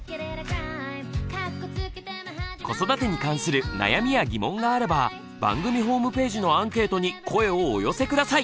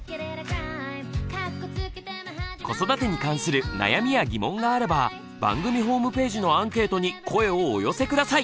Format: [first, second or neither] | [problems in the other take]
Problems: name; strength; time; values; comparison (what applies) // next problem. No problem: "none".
second | background sound (Bass drum); 16 dB below the speech